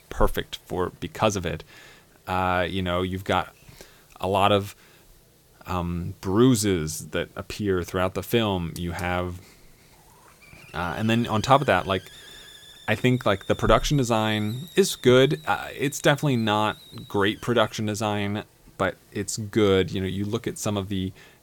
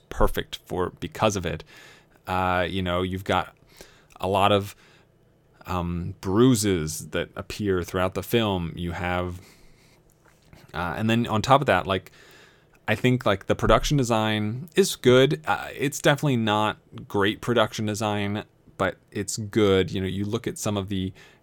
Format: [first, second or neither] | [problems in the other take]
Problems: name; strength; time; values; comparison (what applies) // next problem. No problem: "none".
second | hiss; faint; throughout; 25 dB below the speech